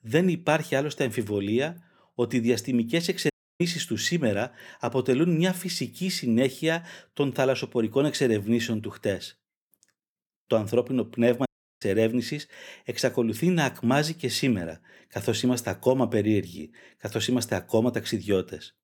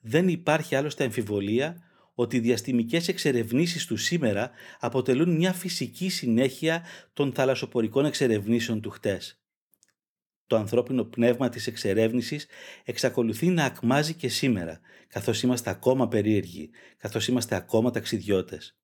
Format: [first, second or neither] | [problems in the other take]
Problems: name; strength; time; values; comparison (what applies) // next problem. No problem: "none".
second | audio cutting out; at 3.5 s and at 11 s